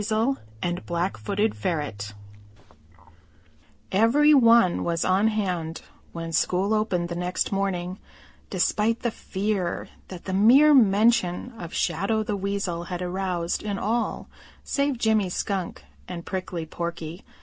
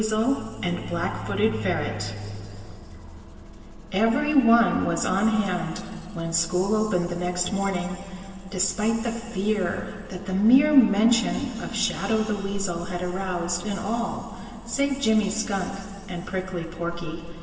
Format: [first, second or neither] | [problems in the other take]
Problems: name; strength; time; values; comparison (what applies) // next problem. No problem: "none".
first | background sound (Engine starting); 18 dB below the speech // room echo; dies away in 2.6 s